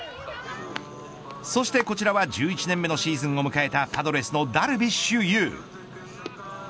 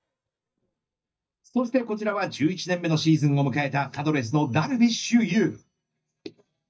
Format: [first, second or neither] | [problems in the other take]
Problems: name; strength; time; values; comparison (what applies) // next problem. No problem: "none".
first | noise reduction (neural mask model DeepFilterNet 3)